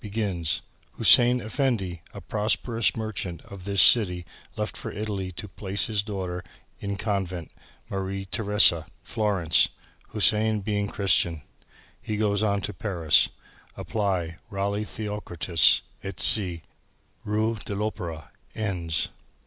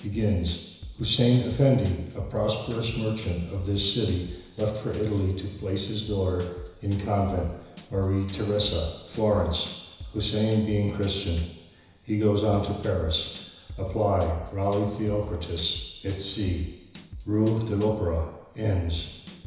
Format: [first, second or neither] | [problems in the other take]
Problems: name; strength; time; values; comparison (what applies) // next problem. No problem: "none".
first | background sound (Drum / Drum kit); 17 dB below the speech // room echo; dies away in 1 s